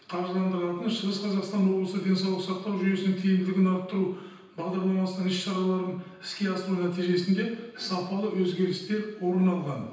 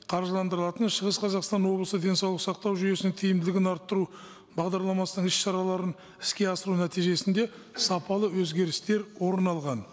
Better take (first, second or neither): second